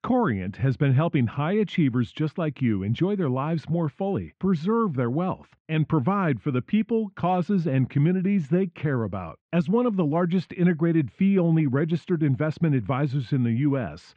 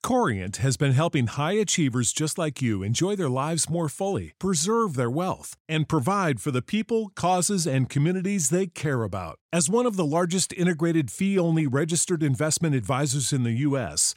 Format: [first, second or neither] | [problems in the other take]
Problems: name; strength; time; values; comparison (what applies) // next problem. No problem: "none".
second | muffled; very; fading above 3 kHz